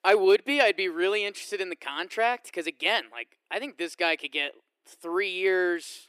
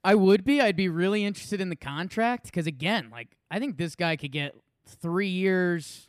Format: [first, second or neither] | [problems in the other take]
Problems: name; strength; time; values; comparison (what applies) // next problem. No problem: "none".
second | thin; very; fading below 350 Hz